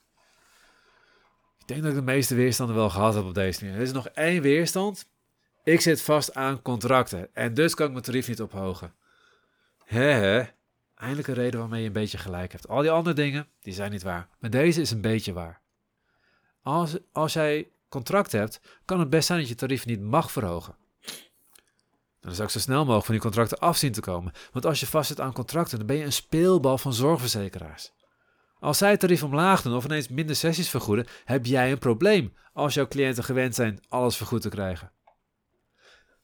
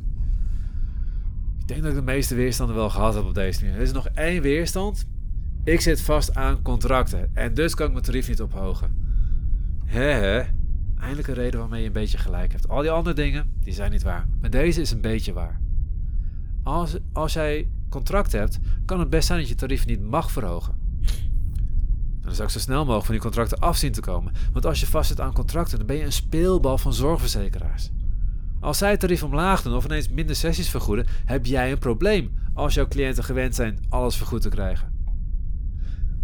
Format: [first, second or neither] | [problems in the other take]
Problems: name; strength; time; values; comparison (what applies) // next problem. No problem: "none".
first | low rumble; faint; throughout; 20 dB below the speech